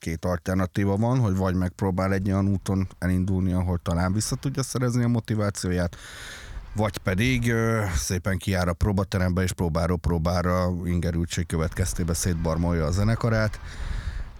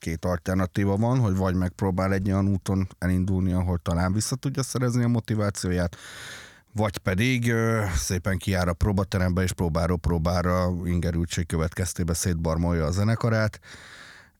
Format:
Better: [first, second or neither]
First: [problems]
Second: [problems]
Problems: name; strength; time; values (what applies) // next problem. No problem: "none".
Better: second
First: wind noise on the microphone; occasional gusts; from 2.5 to 7.5 s and from 11 s on; 20 dB below the speech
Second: none